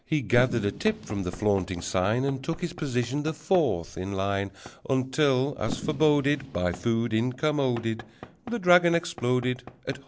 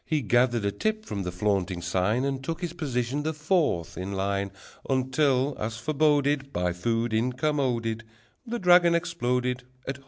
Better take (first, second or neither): second